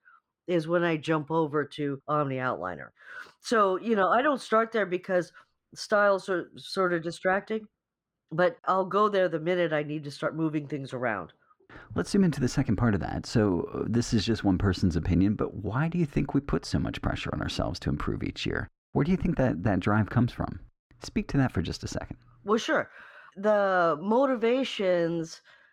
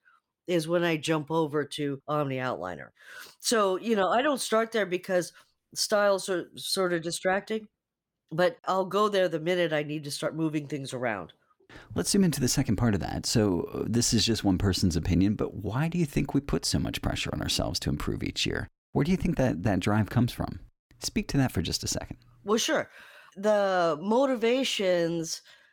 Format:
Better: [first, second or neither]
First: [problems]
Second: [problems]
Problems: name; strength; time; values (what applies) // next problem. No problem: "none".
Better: second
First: muffled; slightly; fading above 2 kHz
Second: none